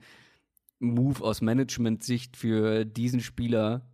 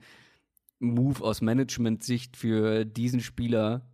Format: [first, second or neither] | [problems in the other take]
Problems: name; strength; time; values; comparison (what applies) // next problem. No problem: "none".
neither | none